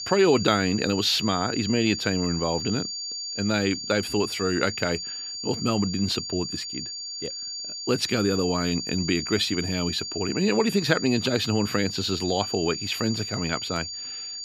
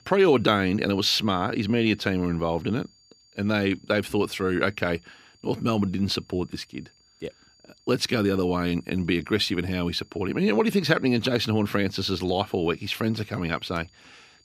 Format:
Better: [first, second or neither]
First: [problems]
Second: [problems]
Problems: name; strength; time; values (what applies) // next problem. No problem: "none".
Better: second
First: high-pitched whine; loud; throughout; 4.5 kHz, 6 dB below the speech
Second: high-pitched whine; faint; throughout; 4.5 kHz, 30 dB below the speech